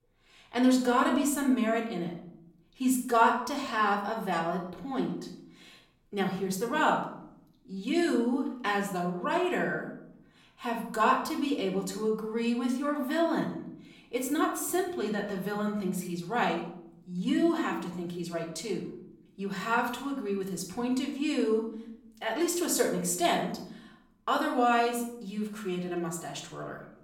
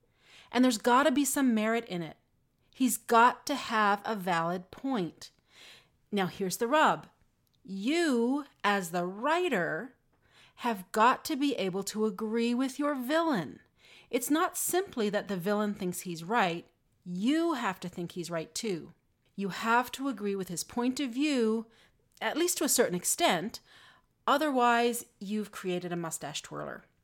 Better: second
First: off-mic speech; far // room echo; slight; dies away in 0.6 s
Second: none

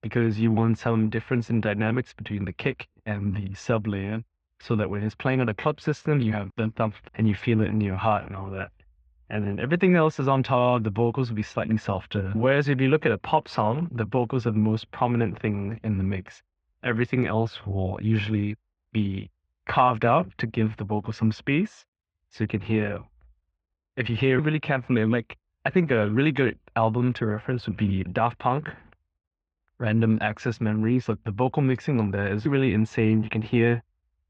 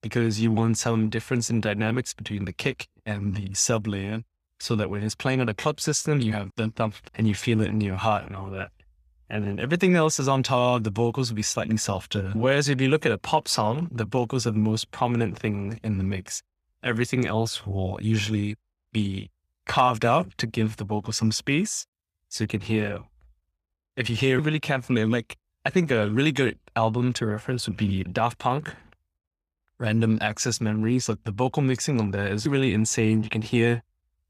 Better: second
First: muffled; very; fading above 2.5 kHz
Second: none

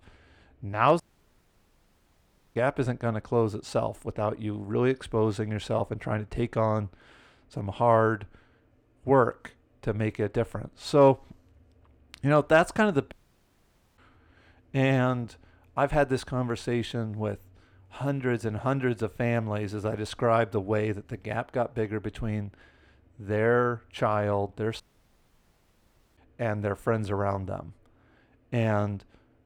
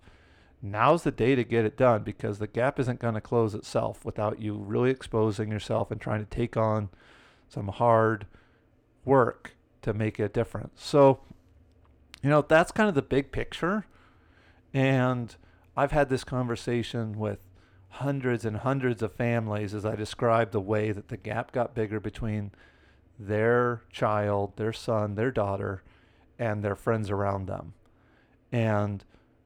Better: second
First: audio cutting out; at 1 s for 1.5 s, at 13 s for 1 s and at 25 s for 1.5 s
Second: none

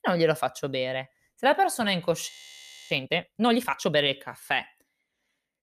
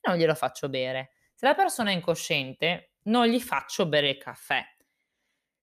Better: second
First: audio freezing; at 2.5 s for 0.5 s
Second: none

